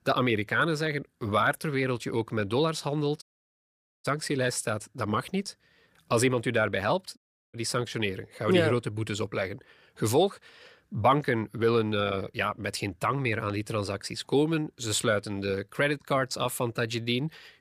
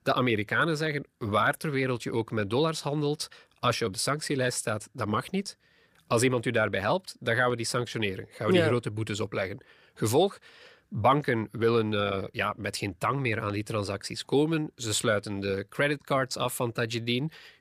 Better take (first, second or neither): second